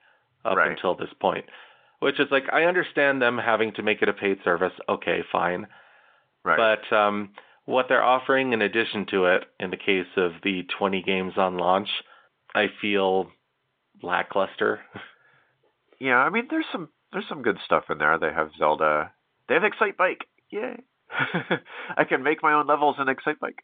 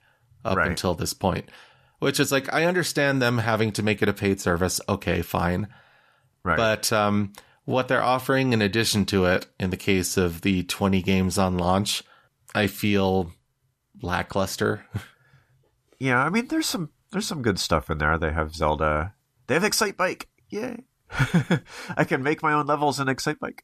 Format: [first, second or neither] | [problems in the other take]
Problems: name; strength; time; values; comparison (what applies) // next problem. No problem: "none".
second | phone-call audio